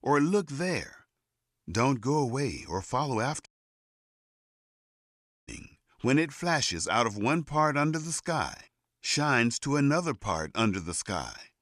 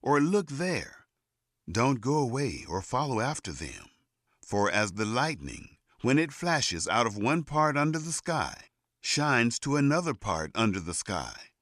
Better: second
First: audio cutting out; at 3.5 s for 2 s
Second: none

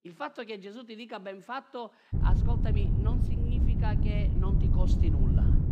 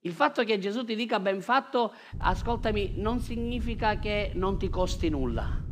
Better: second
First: wind noise on the microphone; heavy; from 2 s on; 1 dB below the speech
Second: wind noise on the microphone; occasional gusts; from 2 s on; 20 dB below the speech

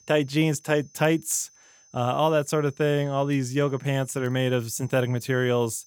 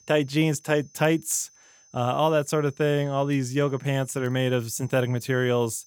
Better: neither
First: high-pitched whine; faint; throughout; 6 kHz, 30 dB below the speech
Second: high-pitched whine; faint; throughout; 6 kHz, 30 dB below the speech

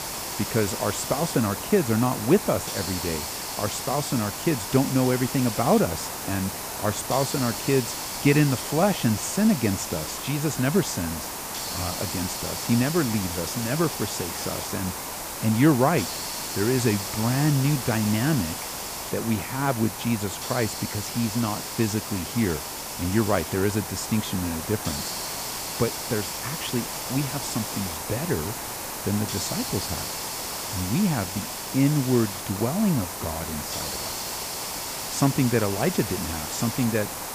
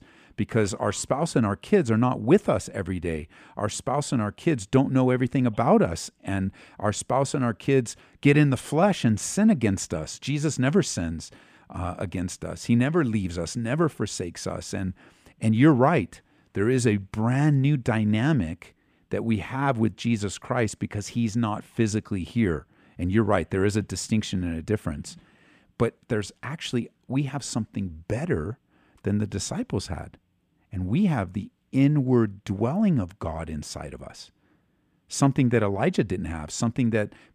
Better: second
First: hiss; loud; throughout; 4 dB below the speech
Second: none

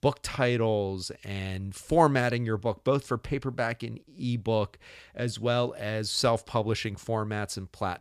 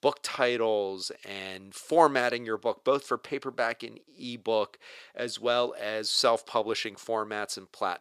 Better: first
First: none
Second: thin; somewhat; fading below 400 Hz

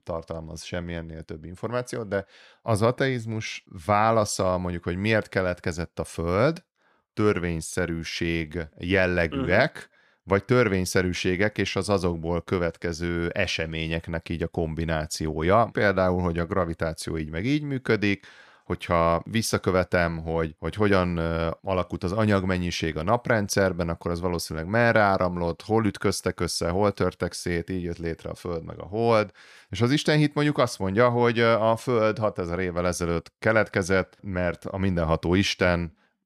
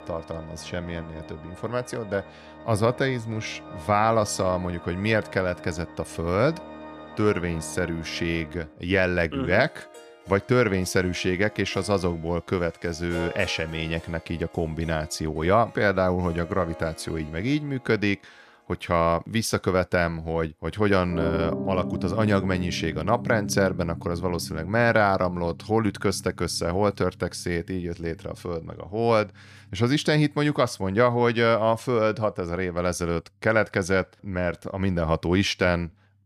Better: first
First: none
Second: background music; noticeable; throughout; 15 dB below the speech

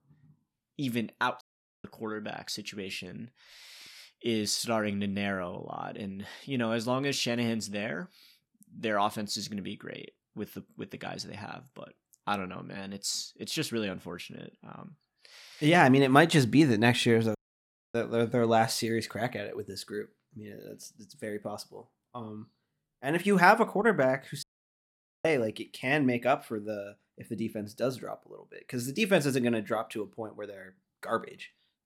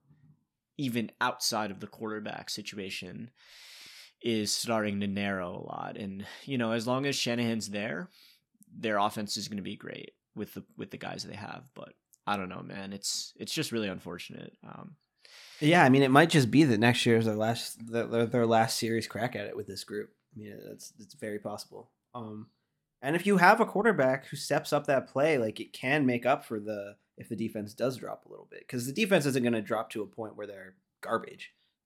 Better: second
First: audio cutting out; at 1.5 s, at 17 s for 0.5 s and at 24 s for 1 s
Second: none

